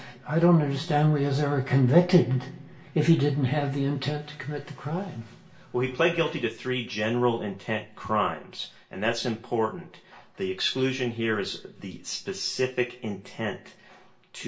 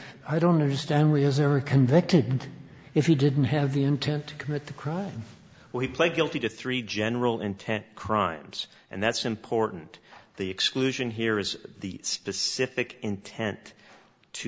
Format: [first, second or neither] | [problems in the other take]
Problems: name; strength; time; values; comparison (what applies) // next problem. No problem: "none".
second | room echo; dies away in 0.3 s